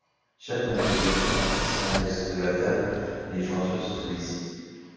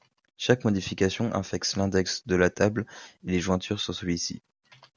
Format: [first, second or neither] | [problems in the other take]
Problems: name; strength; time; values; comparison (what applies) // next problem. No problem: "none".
second | background sound (Tools); 2 dB below the speech // room echo; dies away in 2.2 s